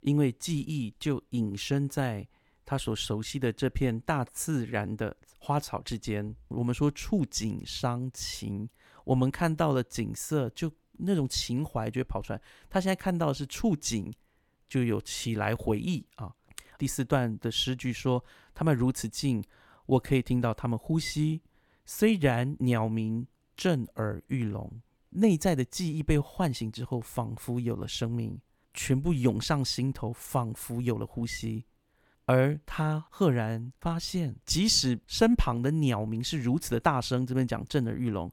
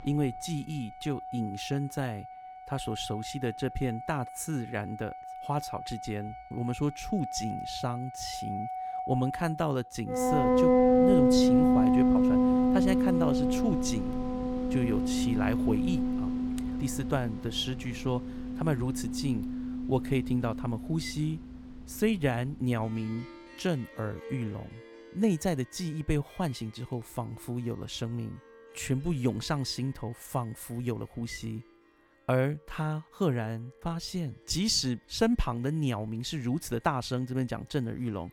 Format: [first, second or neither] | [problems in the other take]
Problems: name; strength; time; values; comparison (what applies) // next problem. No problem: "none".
first | background music; very loud; throughout; 4 dB above the speech